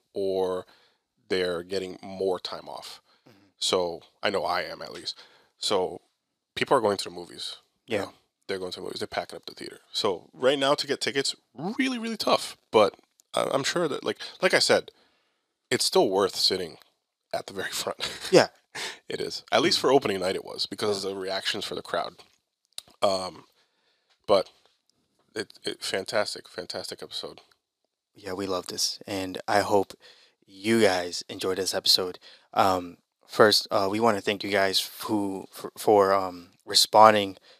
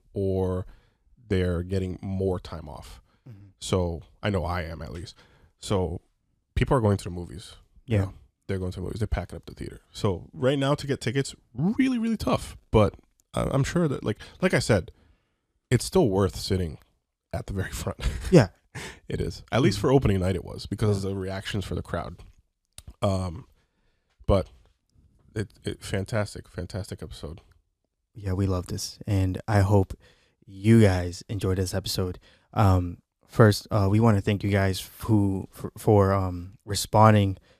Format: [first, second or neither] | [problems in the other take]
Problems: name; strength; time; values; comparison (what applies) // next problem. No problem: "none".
second | thin; somewhat; fading below 400 Hz